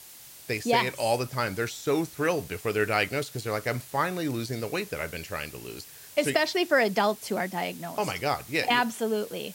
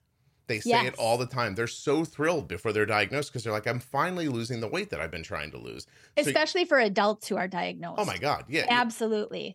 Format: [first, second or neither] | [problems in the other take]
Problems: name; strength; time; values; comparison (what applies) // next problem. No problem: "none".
second | hiss; noticeable; throughout; 15 dB below the speech